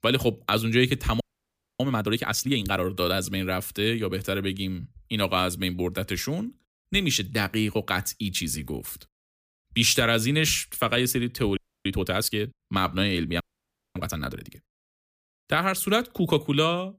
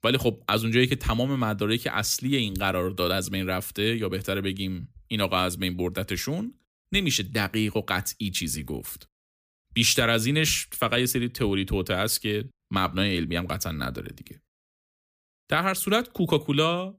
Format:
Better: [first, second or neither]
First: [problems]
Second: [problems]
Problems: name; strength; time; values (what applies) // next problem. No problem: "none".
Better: second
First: audio freezing; at 1 s for 0.5 s, at 12 s and at 13 s for 0.5 s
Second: none